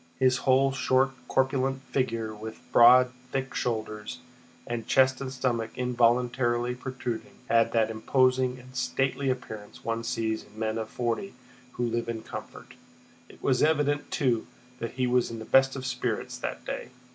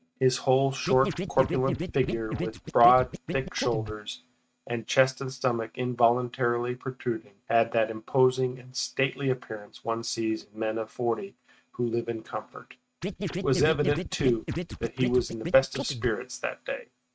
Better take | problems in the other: first | noise reduction (neural mask model RNNoise)

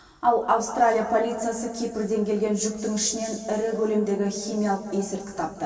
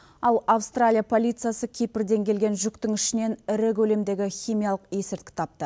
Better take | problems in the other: second | room echo; dies away in 2.5 s

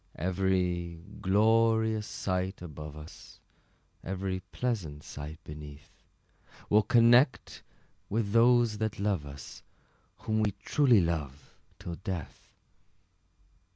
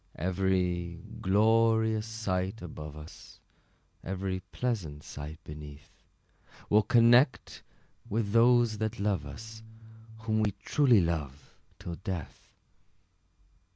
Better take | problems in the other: first | background sound (Bass guitar); 16 dB below the speech

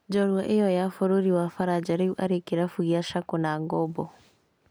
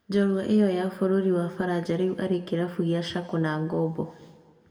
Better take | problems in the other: first | room echo; dies away in 1.1 s

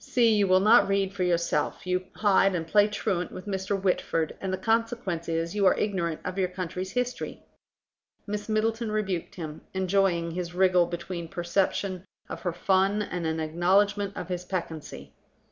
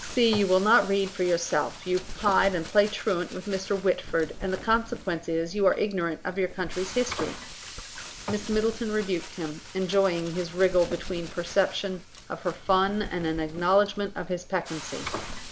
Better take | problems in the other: first | background sound (Frying (food) + Wind); 12 dB below the speech

